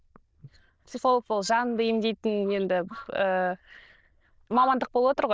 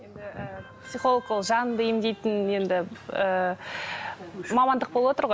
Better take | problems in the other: second | noise reduction (neural diffusion model UNIVERSE++)

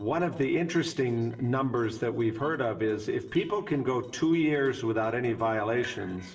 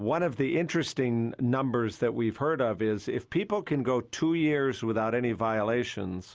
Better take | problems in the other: second | noise reduction (neural separator model SepFormer DNS4)

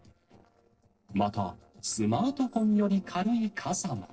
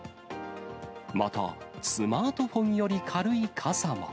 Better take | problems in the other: second | noise reduction (neural separator model SepFormer DNS4)

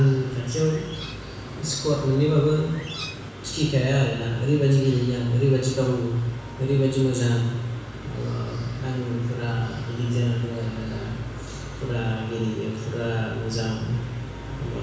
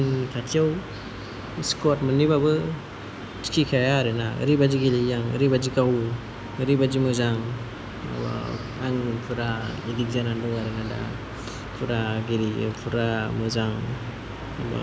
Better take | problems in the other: second | background sound (Bird); 17 dB below the speech // room echo; dies away in 1.1 s

